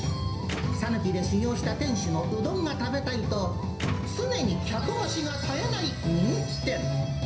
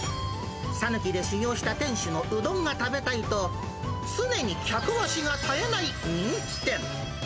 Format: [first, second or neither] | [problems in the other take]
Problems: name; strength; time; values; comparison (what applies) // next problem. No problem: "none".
second | background sound (Tools); 13 dB below the speech // room echo; dies away in 0.5 s